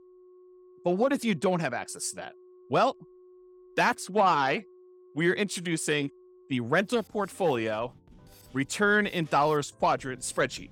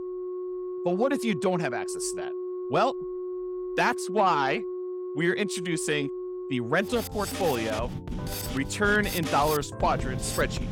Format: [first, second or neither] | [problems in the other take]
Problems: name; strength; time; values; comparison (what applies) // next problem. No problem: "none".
first | background music; loud; throughout; 6 dB below the speech; faint in the first